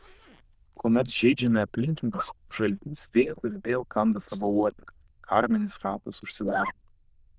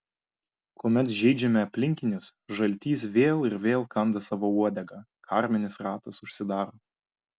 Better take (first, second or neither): second